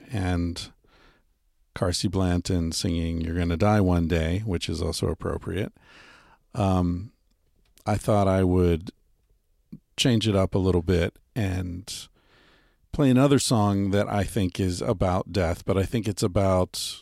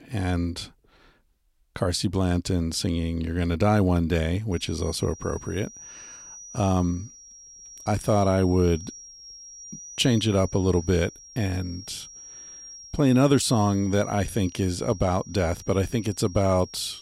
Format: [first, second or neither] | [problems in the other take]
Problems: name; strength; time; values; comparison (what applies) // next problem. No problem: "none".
first | high-pitched whine; noticeable; from 4.5 s on; 5.5 kHz, 15 dB below the speech